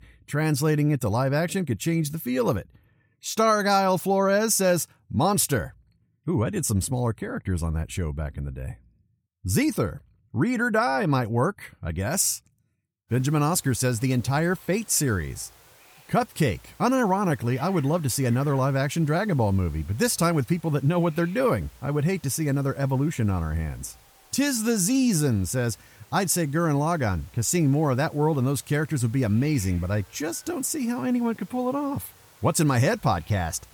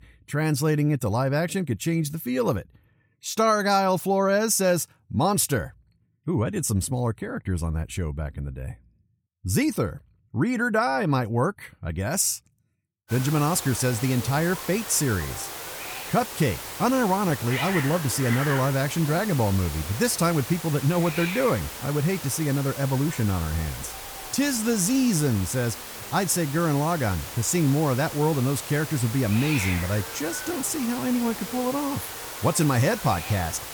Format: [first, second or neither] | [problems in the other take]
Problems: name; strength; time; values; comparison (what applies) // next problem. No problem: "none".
first | hiss; loud; from 13 s on; 9 dB below the speech; faint in the first